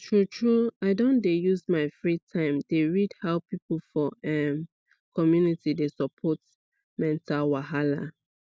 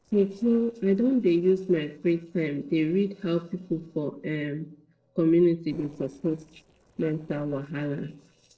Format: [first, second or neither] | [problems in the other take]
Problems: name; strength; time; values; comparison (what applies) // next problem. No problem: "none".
first | noise reduction (neural separator model SepFormer DNS4)